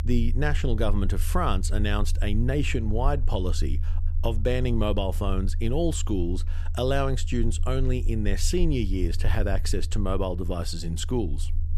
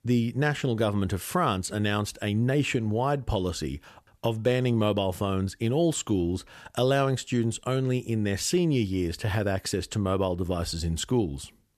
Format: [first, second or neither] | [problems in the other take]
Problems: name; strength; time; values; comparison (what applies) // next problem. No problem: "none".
second | low rumble; noticeable; throughout; 20 dB below the speech